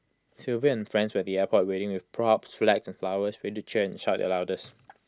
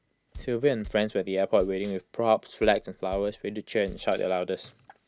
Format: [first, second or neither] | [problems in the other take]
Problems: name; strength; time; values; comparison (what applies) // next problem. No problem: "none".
first | background sound (Bass drum); 19 dB below the speech